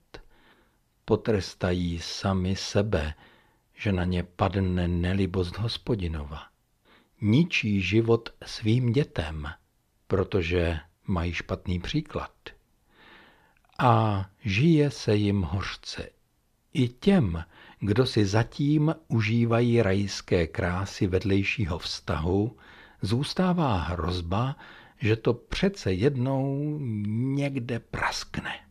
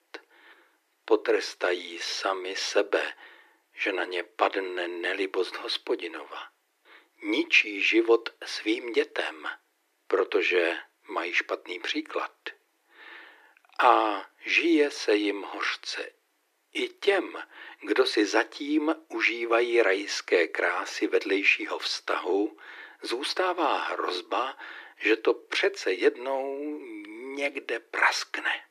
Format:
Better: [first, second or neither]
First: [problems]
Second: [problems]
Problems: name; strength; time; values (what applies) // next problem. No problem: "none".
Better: first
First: none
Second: thin; very; fading below 300 Hz